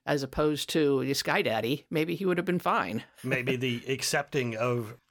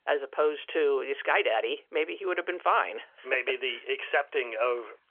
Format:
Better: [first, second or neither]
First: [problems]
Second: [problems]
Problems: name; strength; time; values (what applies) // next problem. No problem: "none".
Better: first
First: none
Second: phone-call audio; nothing above 3 kHz